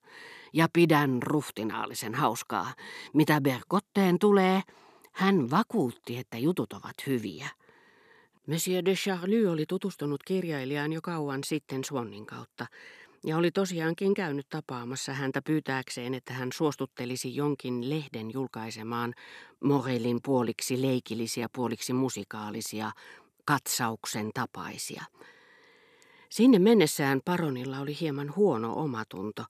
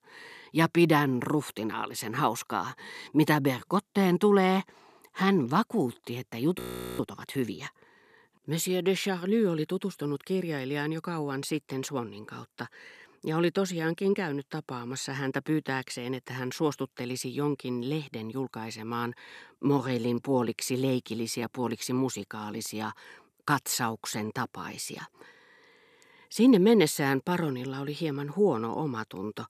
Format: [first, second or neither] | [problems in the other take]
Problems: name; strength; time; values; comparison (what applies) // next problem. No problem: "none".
first | audio freezing; at 6.5 s